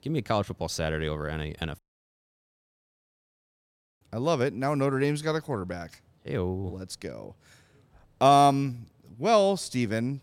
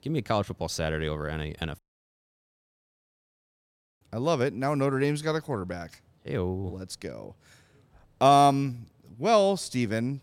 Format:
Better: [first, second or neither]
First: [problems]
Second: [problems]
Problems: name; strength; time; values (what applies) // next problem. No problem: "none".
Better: neither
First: audio cutting out; at 2 s for 2 s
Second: audio cutting out; at 2 s for 2 s